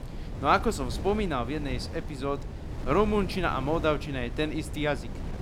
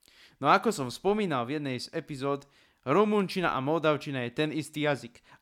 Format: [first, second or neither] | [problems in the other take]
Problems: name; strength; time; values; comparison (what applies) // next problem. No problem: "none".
second | wind noise on the microphone; occasional gusts; 15 dB below the speech